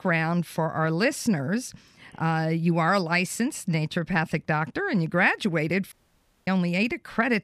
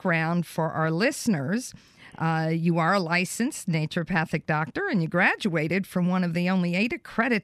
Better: second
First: audio cutting out; at 6 s for 0.5 s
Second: none

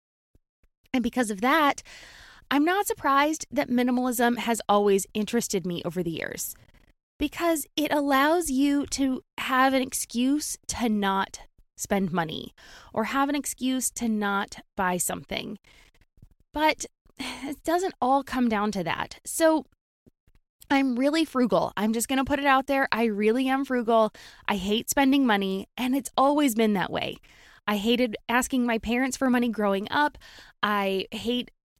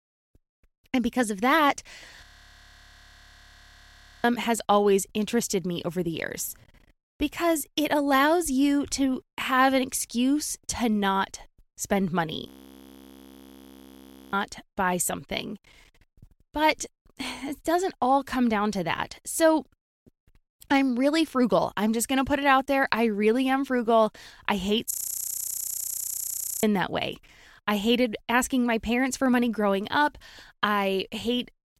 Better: first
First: none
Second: audio freezing; at 2 s for 2 s, at 12 s for 2 s and at 25 s for 1.5 s

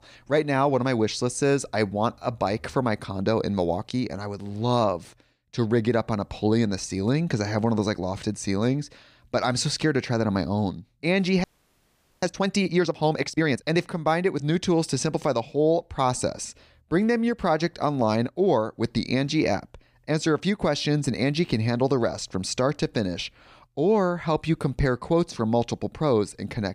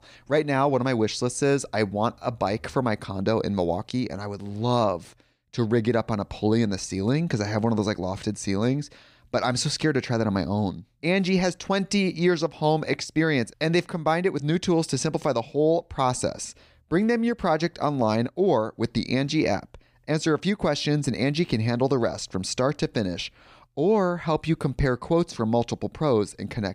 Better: second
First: audio freezing; at 11 s for 1 s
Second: none

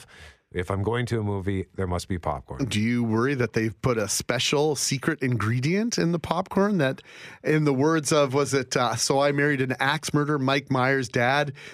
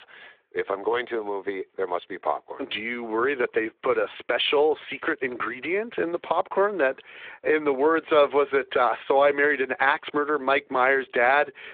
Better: first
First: none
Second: phone-call audio

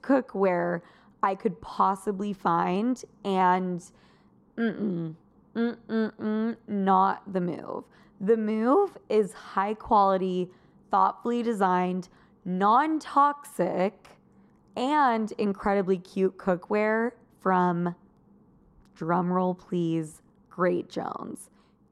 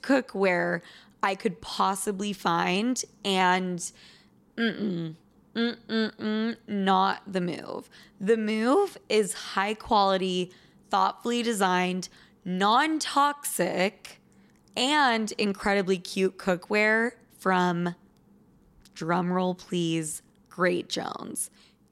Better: second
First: muffled; very; fading above 1.5 kHz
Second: none

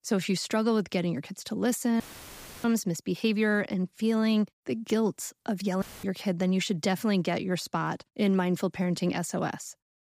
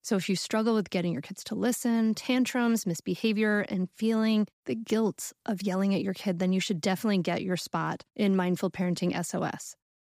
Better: second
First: audio cutting out; filled with static; at 2 s for 0.5 s and at 6 s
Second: none

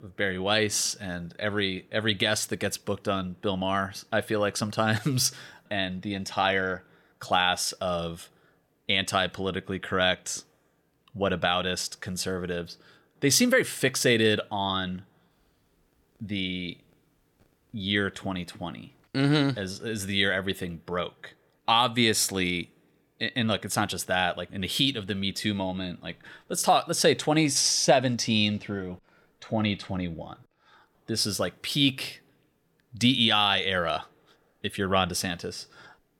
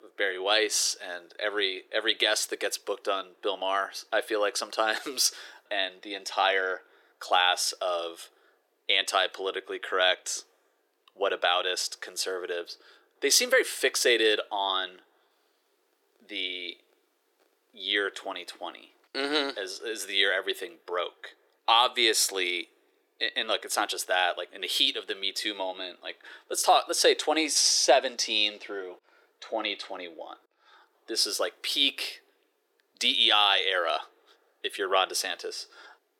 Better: first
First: none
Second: thin; very; fading below 350 Hz

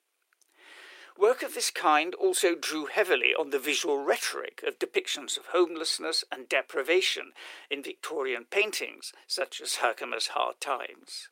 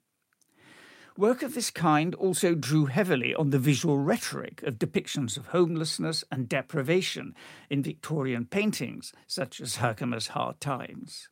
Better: second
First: thin; very; fading below 350 Hz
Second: none

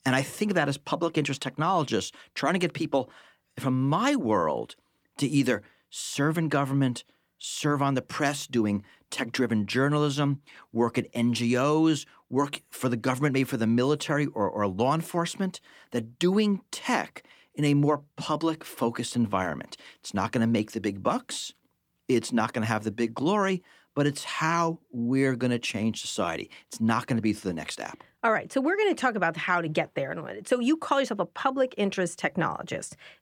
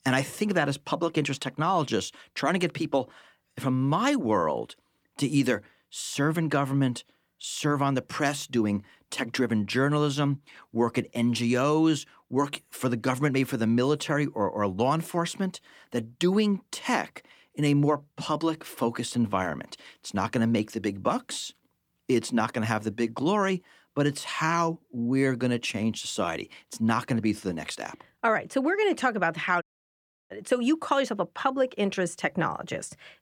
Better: first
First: none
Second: audio cutting out; at 30 s for 0.5 s

